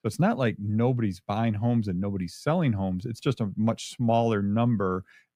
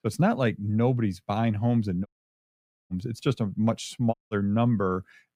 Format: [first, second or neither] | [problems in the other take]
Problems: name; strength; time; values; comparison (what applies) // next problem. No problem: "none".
first | audio cutting out; at 2 s for 1 s and at 4 s